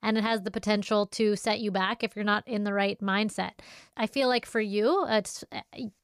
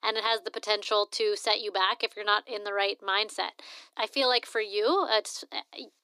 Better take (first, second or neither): first